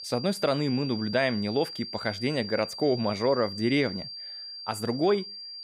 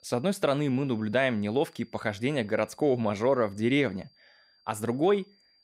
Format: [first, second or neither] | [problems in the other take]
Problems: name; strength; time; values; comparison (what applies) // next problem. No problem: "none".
second | high-pitched whine; loud; throughout; 4.5 kHz, 9 dB below the speech; faint in the second